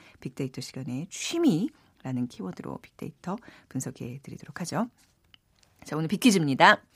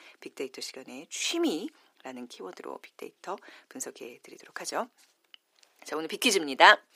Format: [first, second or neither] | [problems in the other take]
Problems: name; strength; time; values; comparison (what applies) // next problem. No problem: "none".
first | thin; somewhat; fading below 350 Hz